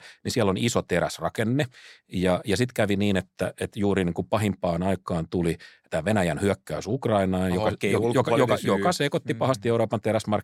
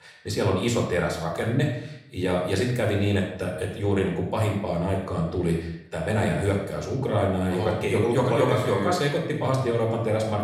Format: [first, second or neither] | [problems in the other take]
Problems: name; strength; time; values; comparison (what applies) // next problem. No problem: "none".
first | off-mic speech; somewhat distant // room echo; noticeable; dies away in 0.6 s